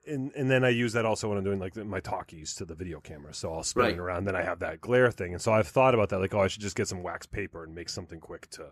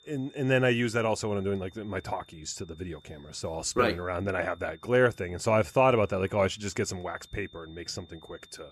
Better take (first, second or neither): first